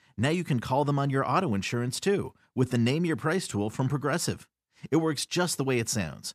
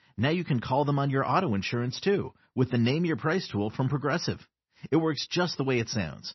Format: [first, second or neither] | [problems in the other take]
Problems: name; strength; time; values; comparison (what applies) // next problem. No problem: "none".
first | garbled, watery; slightly; nothing above 6 kHz